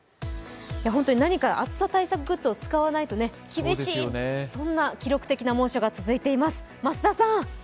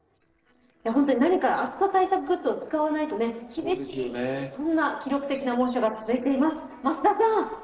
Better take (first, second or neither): first